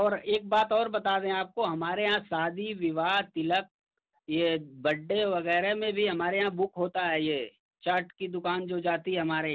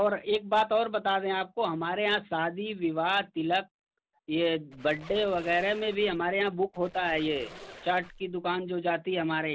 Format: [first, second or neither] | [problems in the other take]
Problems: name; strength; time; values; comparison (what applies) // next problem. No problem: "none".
first | background sound (Squeak); 20 dB below the speech